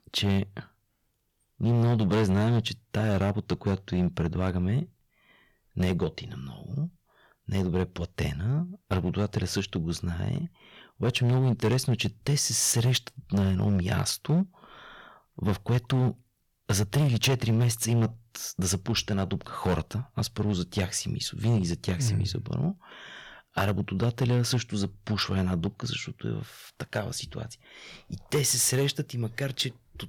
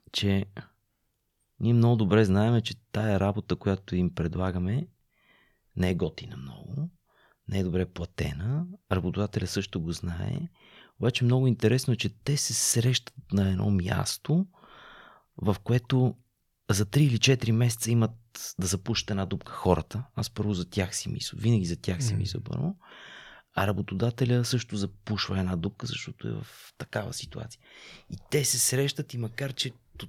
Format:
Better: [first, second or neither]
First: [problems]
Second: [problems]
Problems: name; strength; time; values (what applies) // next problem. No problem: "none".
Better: second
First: distortion; slight; 6% of the sound clipped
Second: none